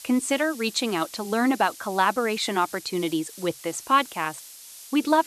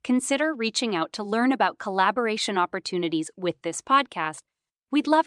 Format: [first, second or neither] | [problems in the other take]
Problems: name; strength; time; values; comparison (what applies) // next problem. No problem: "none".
second | hiss; noticeable; throughout; 15 dB below the speech